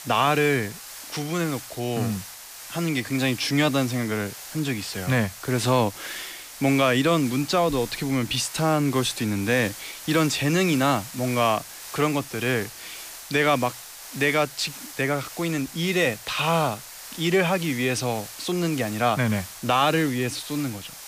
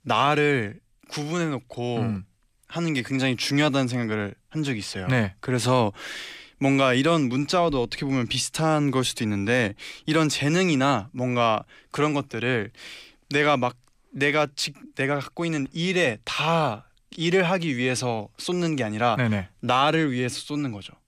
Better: second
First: hiss; noticeable; throughout; 15 dB below the speech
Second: none

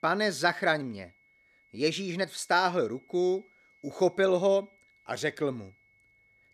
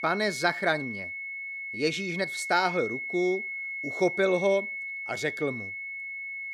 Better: first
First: high-pitched whine; faint; throughout; 2 kHz, 35 dB below the speech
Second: high-pitched whine; loud; throughout; 2 kHz, 5 dB below the speech

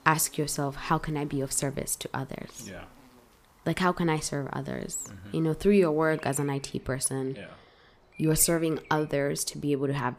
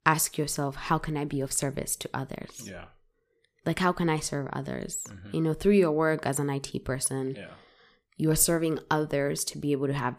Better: second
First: animal sounds; faint; throughout; 25 dB below the speech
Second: none

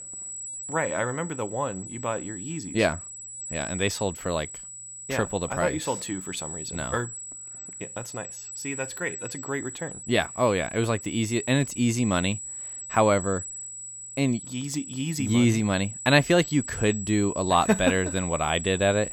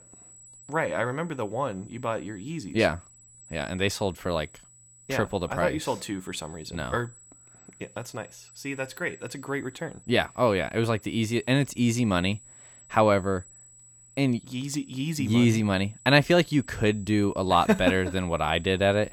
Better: second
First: high-pitched whine; loud; throughout; 8 kHz, 9 dB below the speech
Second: high-pitched whine; faint; throughout; 8 kHz, 25 dB below the speech

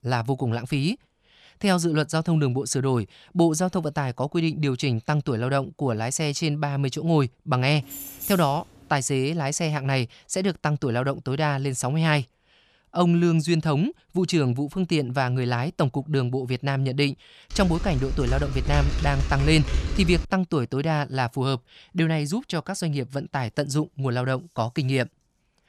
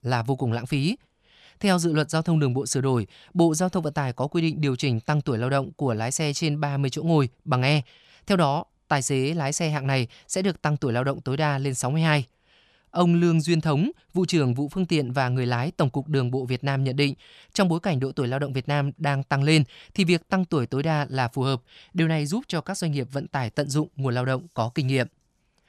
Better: second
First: jangling keys; noticeable; from 8 to 9 s; peak 7 dB below the speech // keyboard typing; noticeable; from 18 to 20 s; peak 2 dB below the speech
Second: none

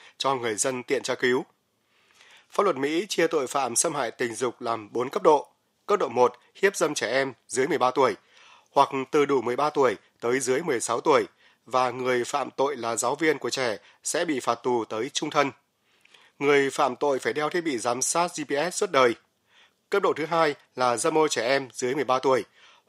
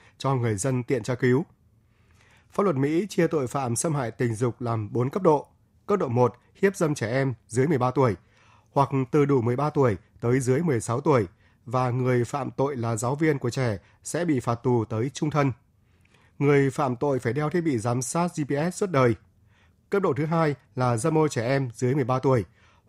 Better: second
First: thin; somewhat; fading below 450 Hz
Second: none

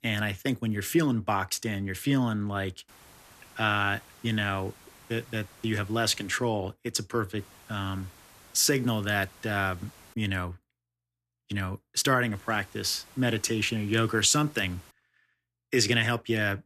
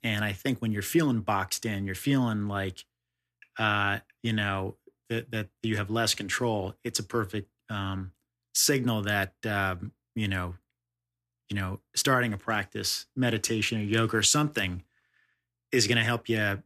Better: second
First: hiss; faint; from 3 to 6.5 s, from 7.5 to 10 s and from 12 to 15 s; 25 dB below the speech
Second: none

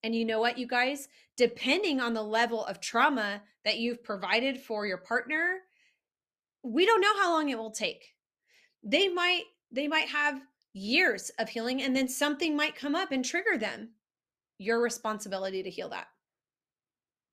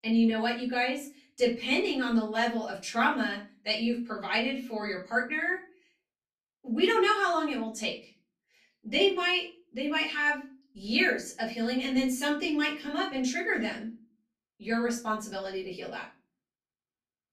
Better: first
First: none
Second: off-mic speech; far // room echo; slight; dies away in 0.3 s

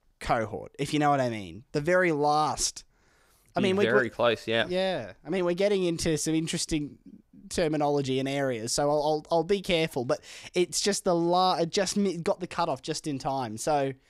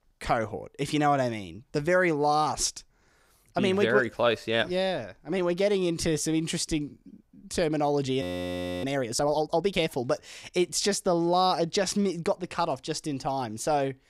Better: first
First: none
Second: audio freezing; at 8 s for 0.5 s

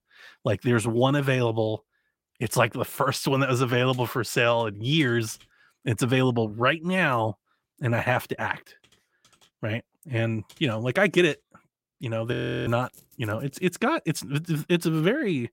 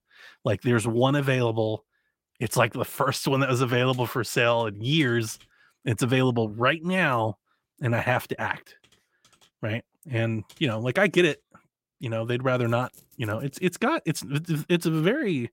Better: second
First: audio freezing; at 12 s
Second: none

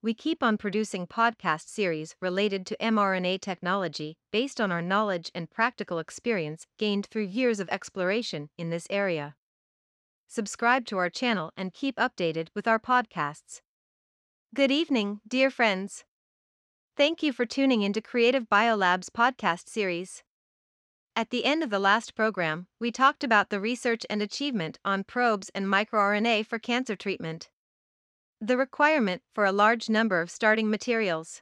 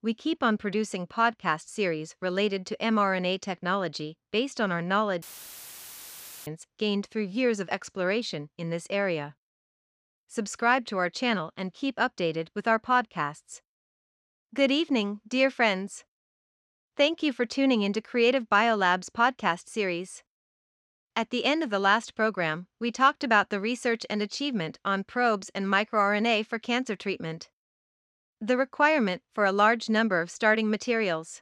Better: first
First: none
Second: audio cutting out; filled with static; at 5 s for 1.5 s

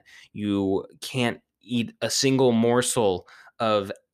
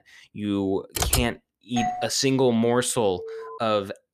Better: first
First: none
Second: keyboard typing; loud; at 1 s; peak 1 dB above the speech // doorbell; noticeable; at 2 s; peak 4 dB below the speech // alarm; faint; at 3 s; peak 10 dB below the speech

